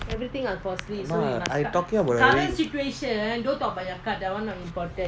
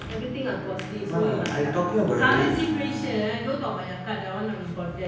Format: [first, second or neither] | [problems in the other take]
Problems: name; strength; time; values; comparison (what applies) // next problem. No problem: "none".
first | background sound (Bowed string instrument); 10 dB below the speech // room echo; dies away in 0.9 s